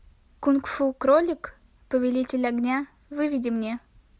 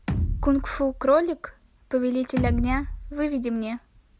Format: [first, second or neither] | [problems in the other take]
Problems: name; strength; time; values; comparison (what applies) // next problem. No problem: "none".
first | background sound (Bass drum); 4 dB below the speech